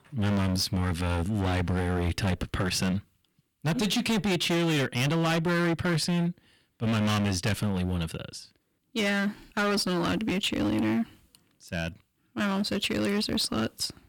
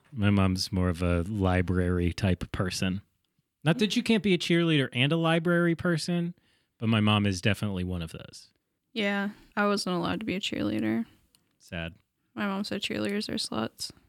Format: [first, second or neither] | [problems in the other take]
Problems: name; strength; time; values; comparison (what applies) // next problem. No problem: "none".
second | distortion; heavy; 21% of the sound clipped